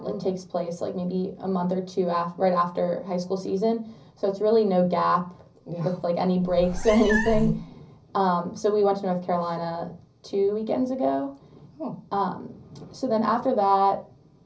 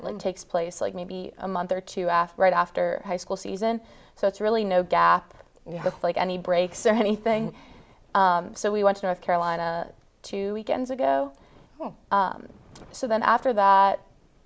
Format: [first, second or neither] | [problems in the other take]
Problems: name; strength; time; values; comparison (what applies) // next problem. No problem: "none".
second | background sound (Meow); 5 dB below the speech // room echo; dies away in 0.5 s